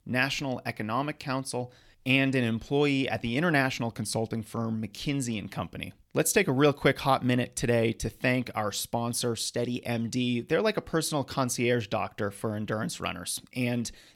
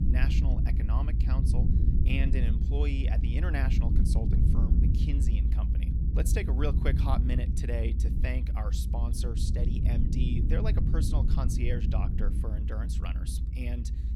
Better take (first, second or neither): first